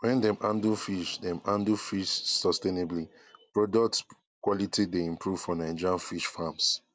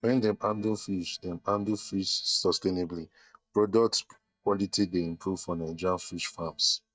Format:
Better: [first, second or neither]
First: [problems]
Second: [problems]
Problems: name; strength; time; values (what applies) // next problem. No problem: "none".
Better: first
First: none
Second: noise reduction (neural mask model DeepFilterNet 3)